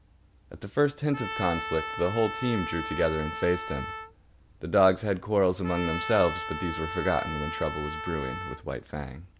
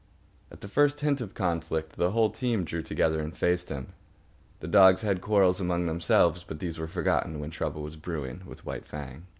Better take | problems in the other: second | background sound (Trumpet); 8 dB below the speech

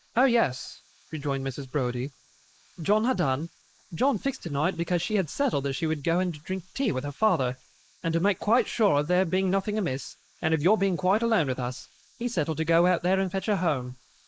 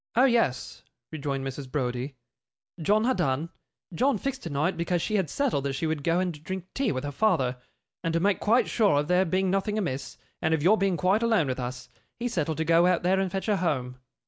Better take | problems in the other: second | noise reduction (neural mask model Resemble Enhance denoiser)

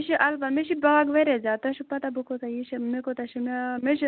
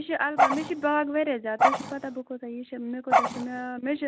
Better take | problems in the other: first | background sound (Dog); 4 dB above the speech

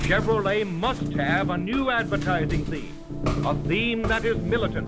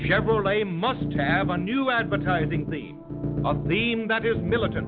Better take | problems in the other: second | background sound (Walk, footsteps); 9 dB below the speech

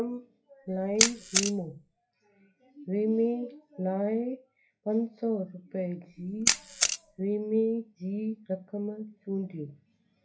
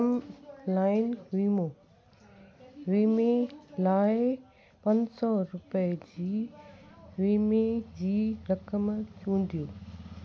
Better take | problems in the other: second | noise reduction (classical method WPE with log-MMSE)

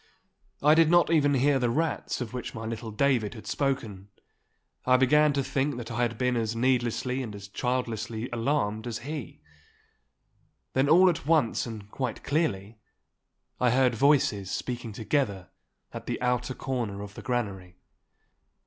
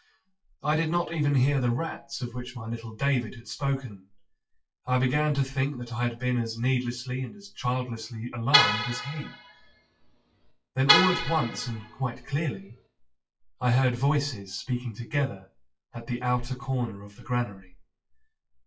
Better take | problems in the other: first | noise reduction (classical method WPE with log-MMSE)

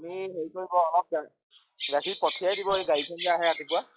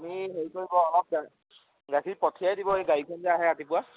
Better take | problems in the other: second | noise reduction (classical method log-MMSE)

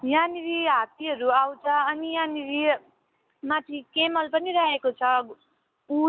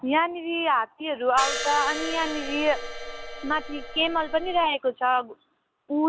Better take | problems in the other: first | background sound (Crash cymbal); 7 dB below the speech

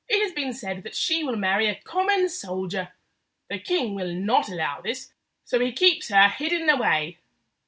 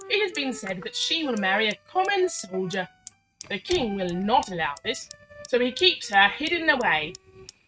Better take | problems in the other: first | noise reduction (neural mask model RNNoise)

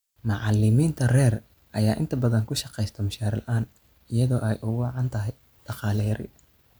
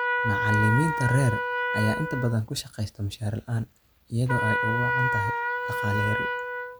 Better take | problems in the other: first | background sound (Trumpet); 1 dB below the speech

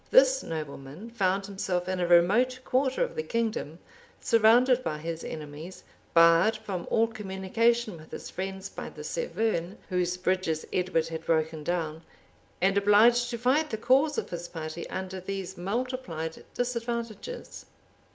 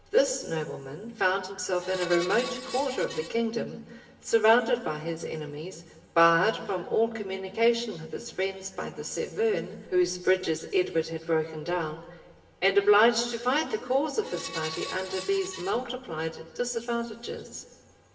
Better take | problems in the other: first | background sound (Screech); 12 dB below the speech // room echo; dies away in 1.4 s

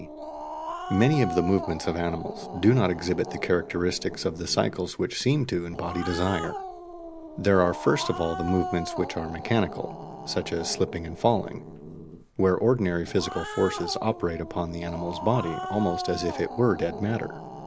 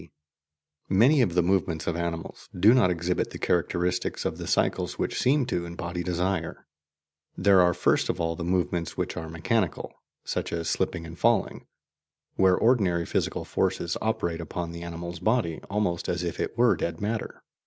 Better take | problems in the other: second | background sound (Growling); 10 dB below the speech

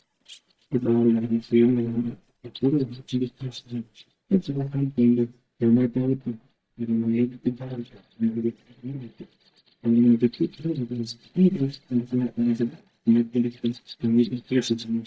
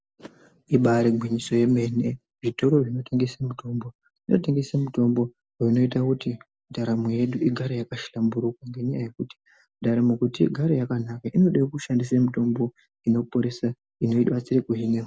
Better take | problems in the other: second | noise reduction (neural mask model DeepFilterNet 3)

